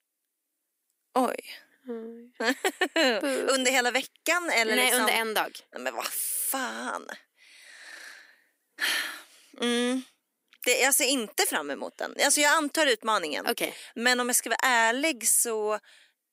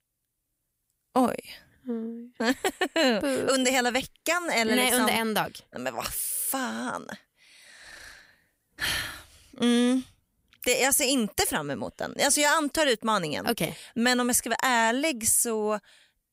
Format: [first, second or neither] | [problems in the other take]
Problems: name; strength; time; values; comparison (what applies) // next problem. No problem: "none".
second | thin; very slightly; fading below 300 Hz